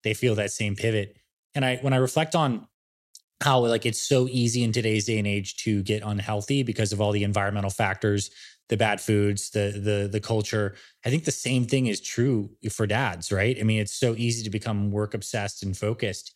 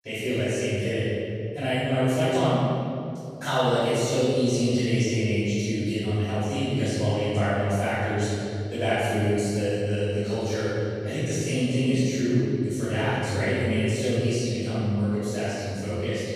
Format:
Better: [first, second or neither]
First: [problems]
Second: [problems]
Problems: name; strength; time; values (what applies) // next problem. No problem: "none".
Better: first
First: none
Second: off-mic speech; far // room echo; strong; dies away in 2.4 s